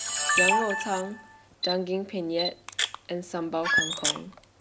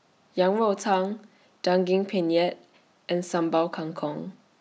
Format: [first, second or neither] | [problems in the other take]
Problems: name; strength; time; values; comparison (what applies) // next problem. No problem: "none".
second | background sound (Camera + Squeak); 3 dB above the speech